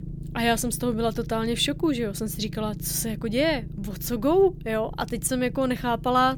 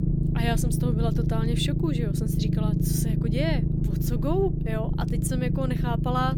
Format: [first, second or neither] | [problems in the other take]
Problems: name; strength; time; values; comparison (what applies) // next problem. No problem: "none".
first | low rumble; loud; throughout; 3 dB below the speech; faint in the first